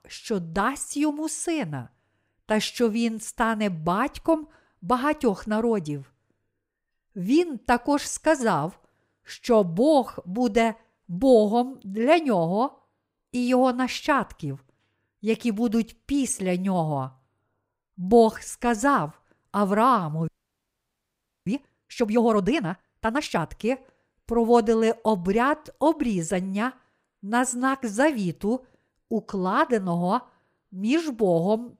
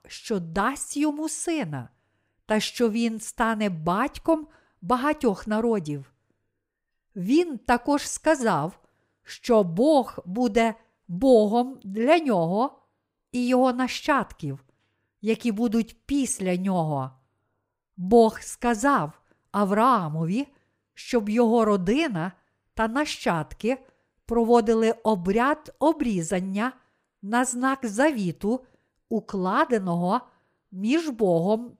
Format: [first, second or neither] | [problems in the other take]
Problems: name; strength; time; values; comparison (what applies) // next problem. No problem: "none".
second | audio freezing; at 20 s for 1 s